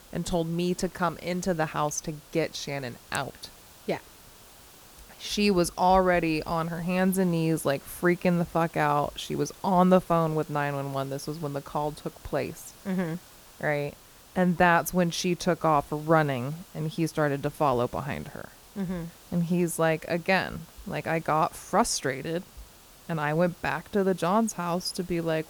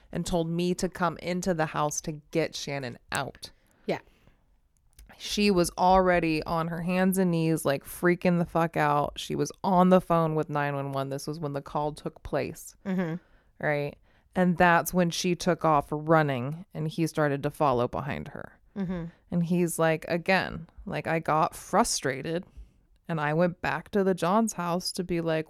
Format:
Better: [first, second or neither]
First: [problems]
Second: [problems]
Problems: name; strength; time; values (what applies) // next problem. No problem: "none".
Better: second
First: hiss; faint; throughout; 20 dB below the speech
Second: none